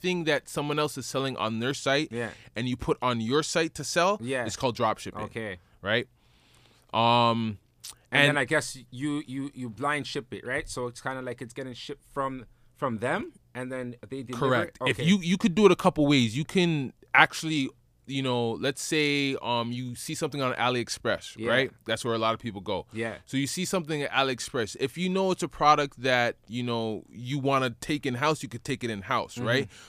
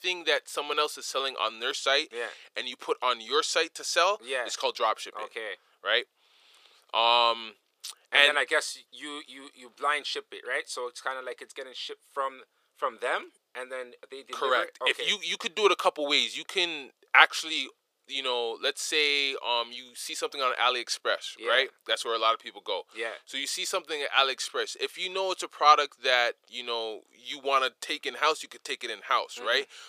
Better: first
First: none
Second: thin; very; fading below 450 Hz

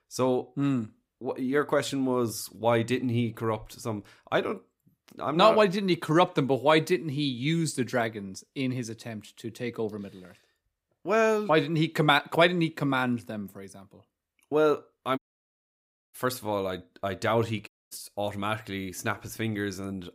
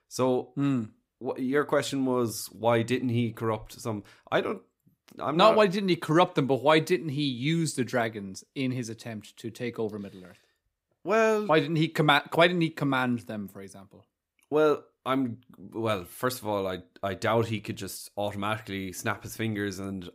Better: second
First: audio cutting out; at 15 s for 1 s and at 18 s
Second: none

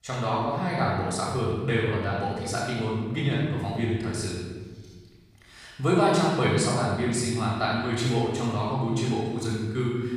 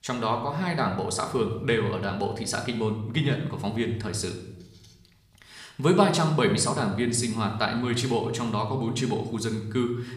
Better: second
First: room echo; strong; dies away in 1.3 s // off-mic speech; far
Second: room echo; slight; dies away in 0.7 s

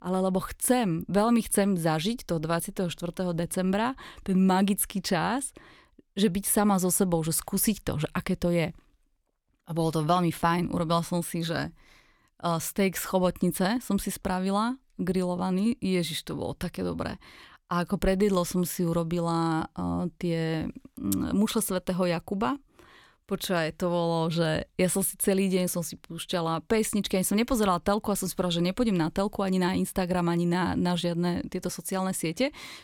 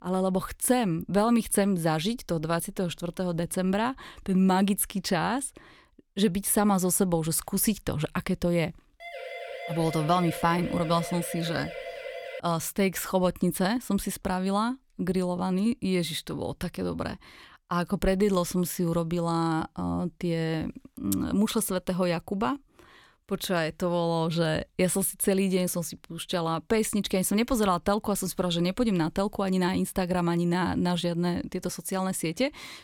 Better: first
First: none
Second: siren; noticeable; from 9 to 12 s; peak 9 dB below the speech

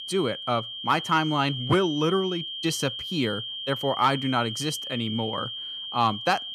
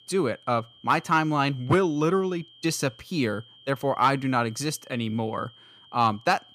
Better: second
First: high-pitched whine; loud; throughout; 3 kHz, 6 dB below the speech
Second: high-pitched whine; faint; throughout; 3 kHz, 25 dB below the speech

